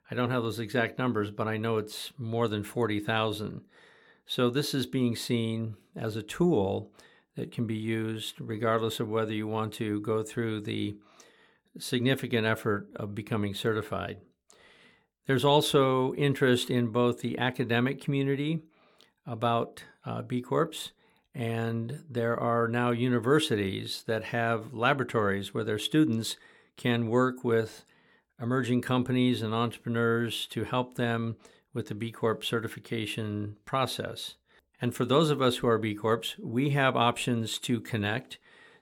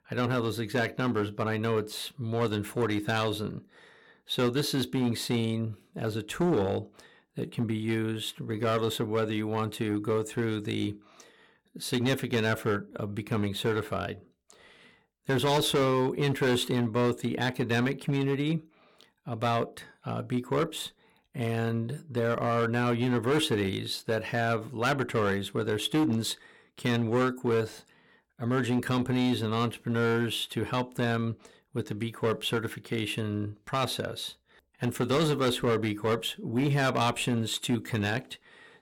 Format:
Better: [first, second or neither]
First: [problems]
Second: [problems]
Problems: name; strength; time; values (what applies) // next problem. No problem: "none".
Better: first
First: none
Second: distortion; slight; 7% of the sound clipped